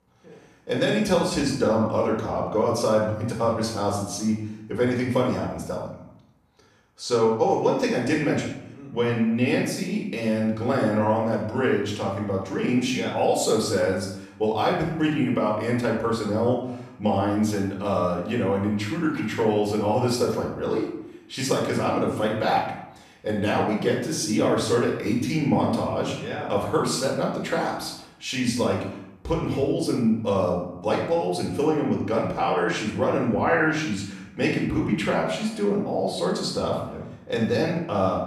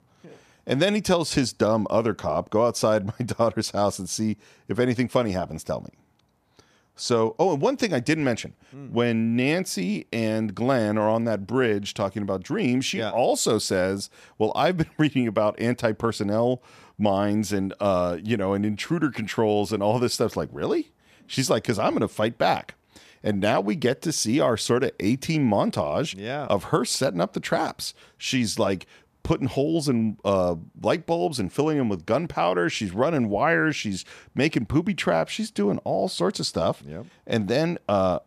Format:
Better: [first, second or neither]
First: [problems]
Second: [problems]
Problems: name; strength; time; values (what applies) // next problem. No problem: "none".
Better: second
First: off-mic speech; far // room echo; noticeable; dies away in 0.6 s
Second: none